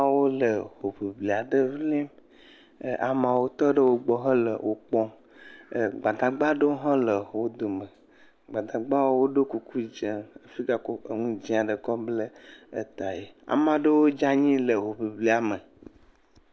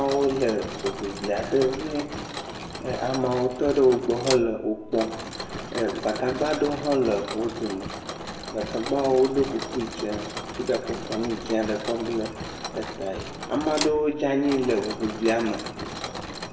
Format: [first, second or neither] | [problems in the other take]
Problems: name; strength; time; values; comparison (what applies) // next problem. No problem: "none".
first | background sound (Mechanisms); 9 dB below the speech // room echo; dies away in 0.9 s